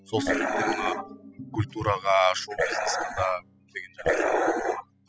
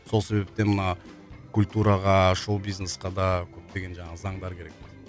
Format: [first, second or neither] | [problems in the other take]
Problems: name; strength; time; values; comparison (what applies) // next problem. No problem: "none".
second | noise reduction (classical method spectral subtraction)